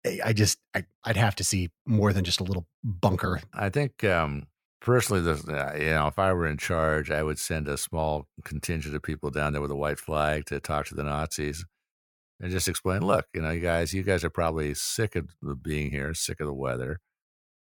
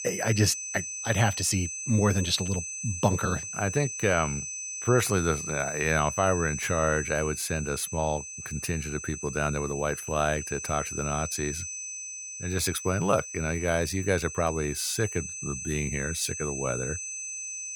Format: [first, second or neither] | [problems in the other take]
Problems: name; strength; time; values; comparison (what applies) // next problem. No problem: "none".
first | high-pitched whine; loud; throughout; 6 kHz, 6 dB below the speech